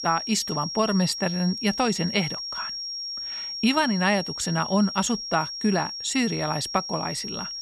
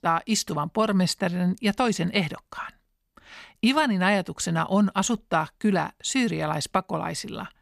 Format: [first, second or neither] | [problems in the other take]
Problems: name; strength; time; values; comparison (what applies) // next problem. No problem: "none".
second | high-pitched whine; loud; throughout; 5.5 kHz, 6 dB below the speech